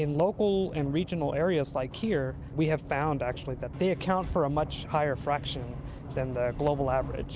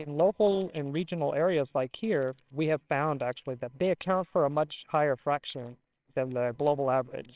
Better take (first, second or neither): first